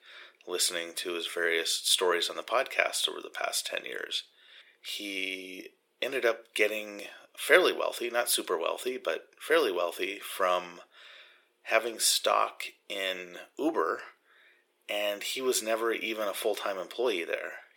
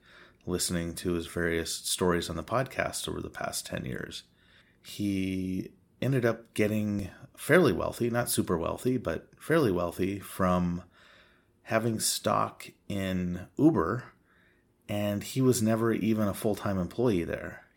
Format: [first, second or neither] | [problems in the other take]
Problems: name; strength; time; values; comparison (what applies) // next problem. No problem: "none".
second | thin; very; fading below 450 Hz